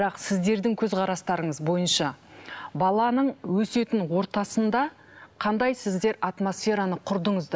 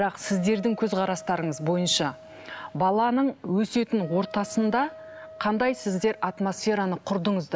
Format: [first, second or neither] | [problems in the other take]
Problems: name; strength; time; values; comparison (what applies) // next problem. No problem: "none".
first | background sound (Wind instrument, woodwind instrument); 19 dB below the speech